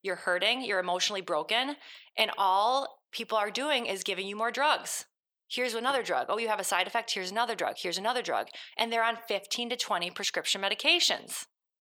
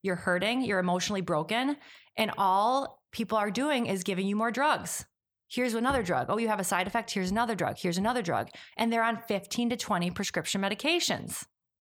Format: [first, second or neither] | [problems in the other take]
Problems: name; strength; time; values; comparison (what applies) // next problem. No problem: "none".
second | thin; somewhat; fading below 450 Hz